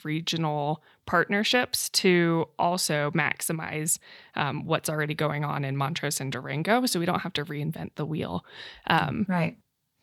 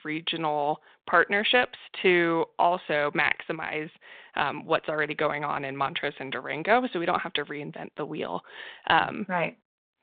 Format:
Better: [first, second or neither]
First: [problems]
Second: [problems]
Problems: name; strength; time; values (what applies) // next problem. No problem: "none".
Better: first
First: none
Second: phone-call audio; nothing above 3.5 kHz